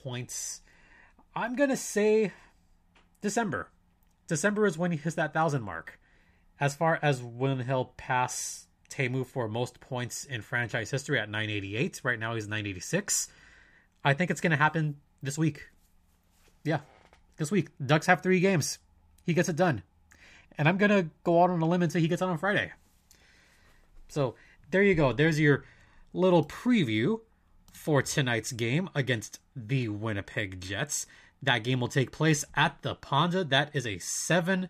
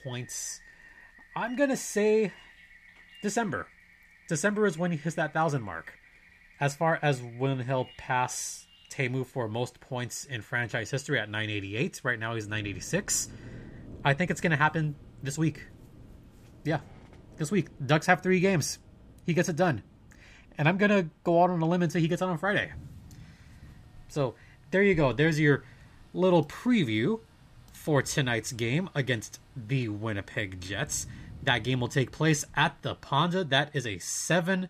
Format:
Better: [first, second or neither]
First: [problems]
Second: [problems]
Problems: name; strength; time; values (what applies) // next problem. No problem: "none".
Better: first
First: none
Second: rain or running water; faint; throughout; 25 dB below the speech